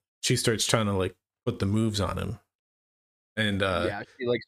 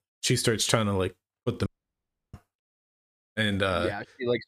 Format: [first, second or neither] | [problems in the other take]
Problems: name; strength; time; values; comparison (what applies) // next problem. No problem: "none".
first | audio cutting out; at 1.5 s for 0.5 s